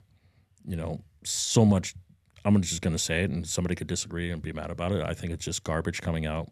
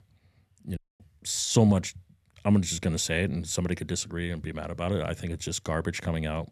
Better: first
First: none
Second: audio cutting out; at 1 s

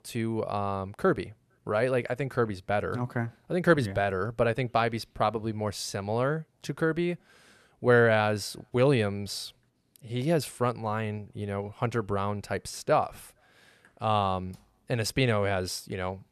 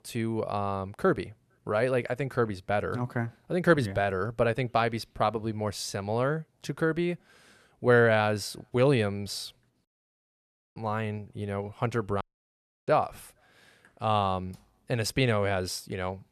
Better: first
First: none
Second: audio cutting out; at 10 s for 1 s and at 12 s for 0.5 s

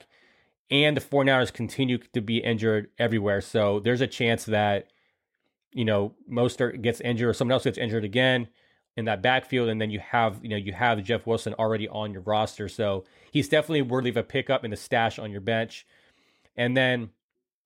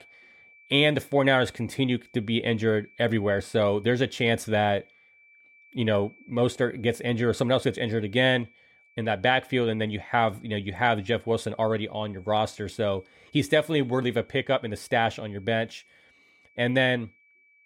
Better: first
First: none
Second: high-pitched whine; faint; throughout; 2.5 kHz, 30 dB below the speech

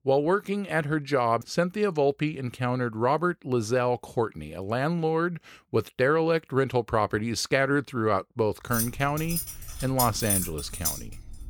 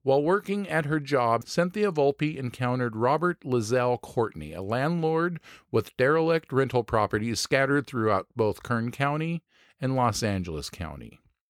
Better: second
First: jangling keys; loud; from 8.5 s on; peak 1 dB above the speech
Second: none

